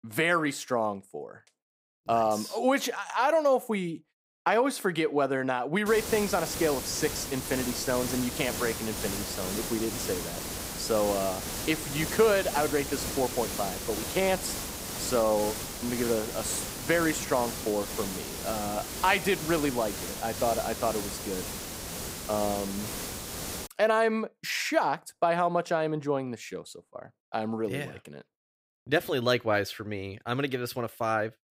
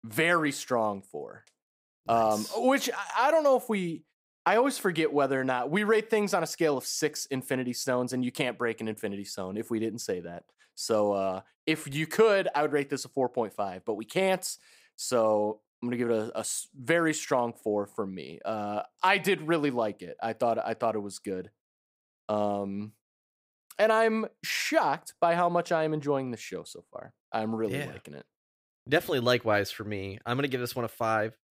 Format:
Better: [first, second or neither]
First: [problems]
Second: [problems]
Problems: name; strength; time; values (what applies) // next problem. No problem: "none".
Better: second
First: hiss; loud; from 6 to 24 s; 5 dB below the speech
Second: none